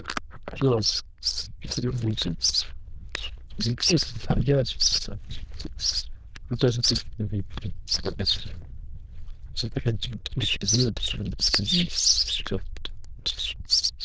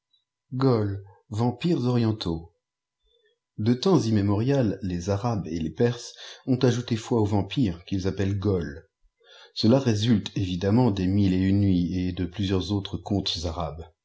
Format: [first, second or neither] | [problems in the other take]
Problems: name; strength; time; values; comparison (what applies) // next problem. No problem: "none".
second | noise reduction (neural diffusion model UNIVERSE++)